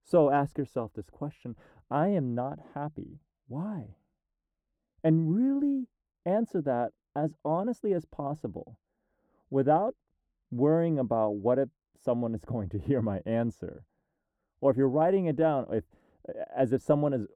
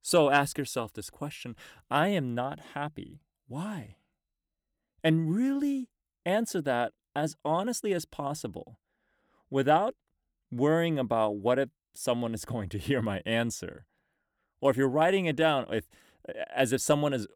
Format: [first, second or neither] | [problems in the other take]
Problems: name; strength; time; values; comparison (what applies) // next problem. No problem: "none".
second | muffled; very; fading above 1.5 kHz